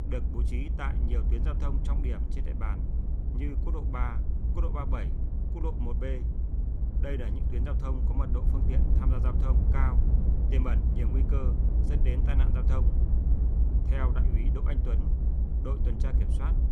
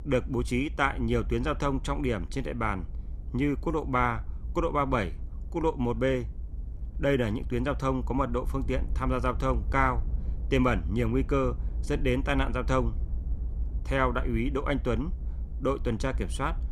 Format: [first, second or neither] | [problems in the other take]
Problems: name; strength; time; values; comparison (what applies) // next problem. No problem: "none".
second | low rumble; loud; throughout; 3 dB below the speech; faint in the second